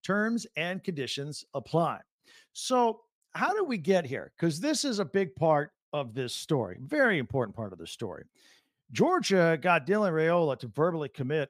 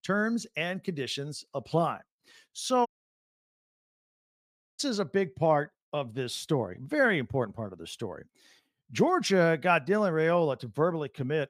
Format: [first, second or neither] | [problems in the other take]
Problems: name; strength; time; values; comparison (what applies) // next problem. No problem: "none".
first | audio cutting out; at 3 s for 2 s